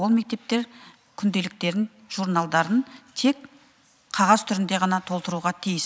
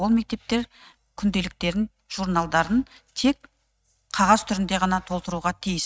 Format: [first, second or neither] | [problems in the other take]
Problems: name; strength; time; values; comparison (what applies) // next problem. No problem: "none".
first | noise reduction (neural mask model RNNoise)